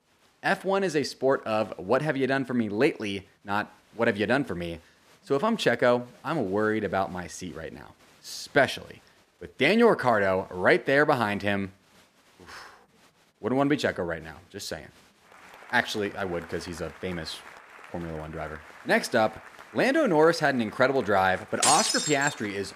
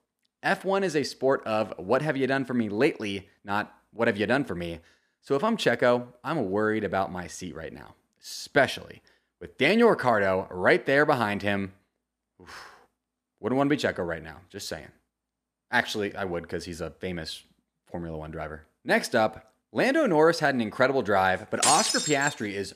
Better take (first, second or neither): second